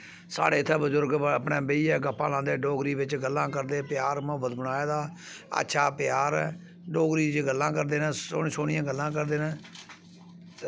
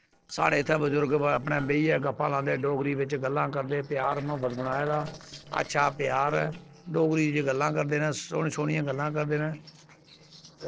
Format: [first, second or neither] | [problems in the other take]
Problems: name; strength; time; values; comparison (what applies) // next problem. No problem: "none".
first | noise reduction (neural separator model SepFormer DNS4)